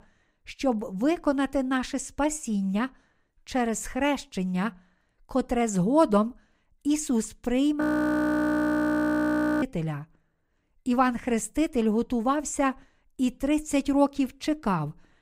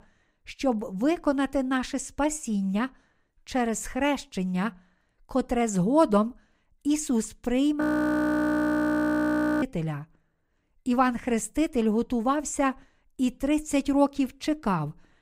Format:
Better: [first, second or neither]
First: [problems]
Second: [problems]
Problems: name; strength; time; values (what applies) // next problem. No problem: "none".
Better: neither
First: audio freezing; at 8 s for 2 s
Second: audio freezing; at 8 s for 2 s